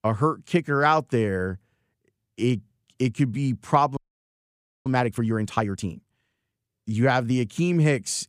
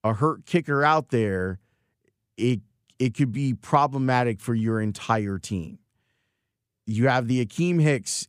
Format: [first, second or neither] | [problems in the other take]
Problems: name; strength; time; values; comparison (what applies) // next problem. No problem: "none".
second | audio freezing; at 4 s for 1 s